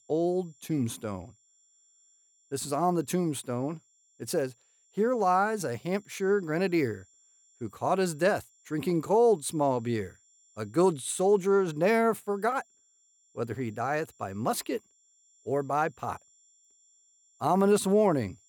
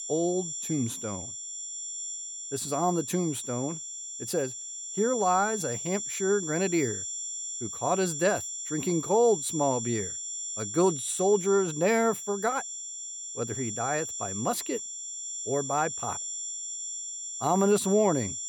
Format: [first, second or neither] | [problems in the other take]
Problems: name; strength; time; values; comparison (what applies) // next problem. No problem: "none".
first | high-pitched whine; loud; throughout; 7.5 kHz, 5 dB below the speech; faint in the first